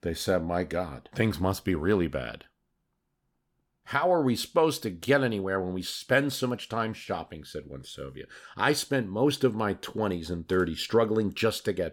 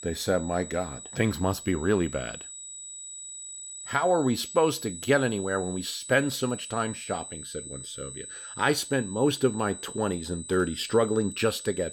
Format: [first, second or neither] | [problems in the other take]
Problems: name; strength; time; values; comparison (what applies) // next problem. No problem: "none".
first | high-pitched whine; noticeable; throughout; 8 kHz, 10 dB below the speech